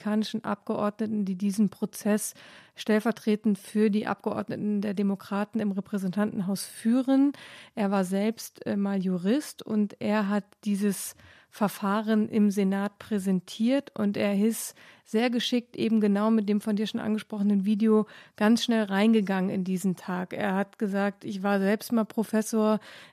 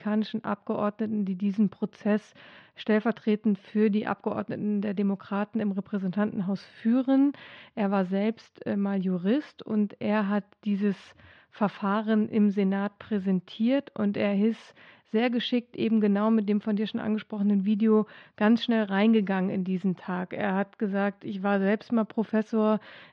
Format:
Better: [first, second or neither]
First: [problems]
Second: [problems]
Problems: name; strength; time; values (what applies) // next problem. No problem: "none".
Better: first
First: none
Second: muffled; slightly; fading above 3.5 kHz